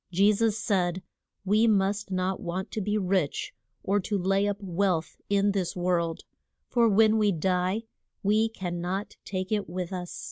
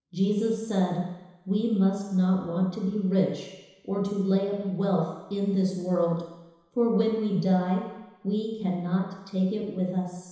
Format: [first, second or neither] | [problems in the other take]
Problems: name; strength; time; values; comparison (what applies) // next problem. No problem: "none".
first | room echo; dies away in 1 s